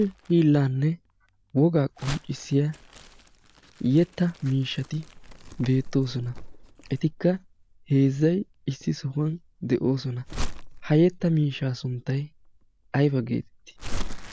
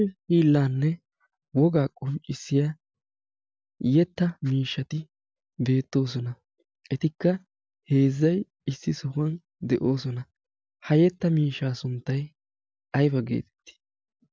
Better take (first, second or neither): second